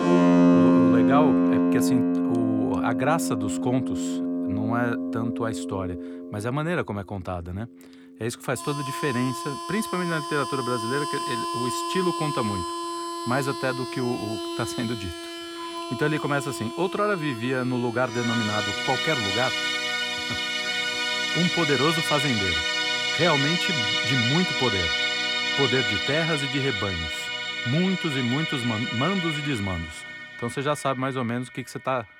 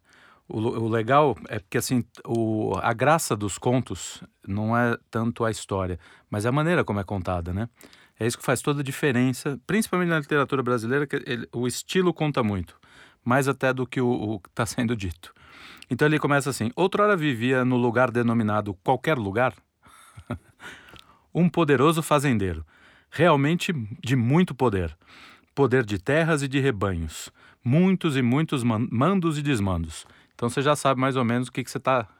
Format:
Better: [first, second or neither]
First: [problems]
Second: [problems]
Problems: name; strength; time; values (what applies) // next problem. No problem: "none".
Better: second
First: background music; very loud; throughout; 3 dB above the speech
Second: none